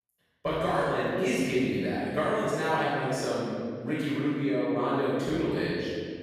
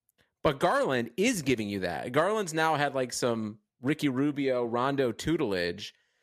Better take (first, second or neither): second